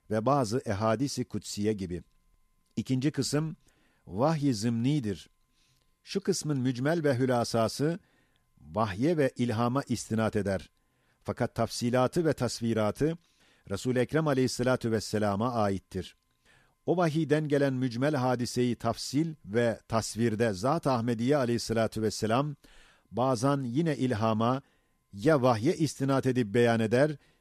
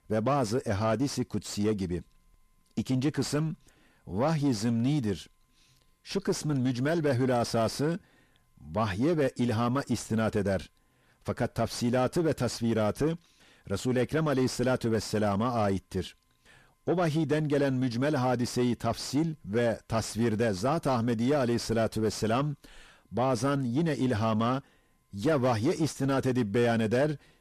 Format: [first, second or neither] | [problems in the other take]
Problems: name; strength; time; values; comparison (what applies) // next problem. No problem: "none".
first | distortion; slight; 10 dB below the speech